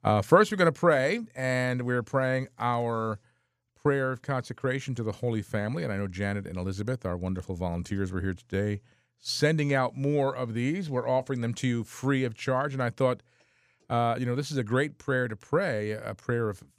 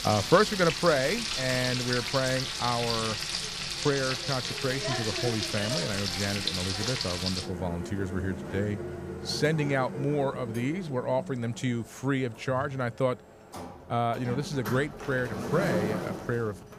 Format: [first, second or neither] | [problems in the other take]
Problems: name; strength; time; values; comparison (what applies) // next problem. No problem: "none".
first | household noises; loud; throughout; 2 dB below the speech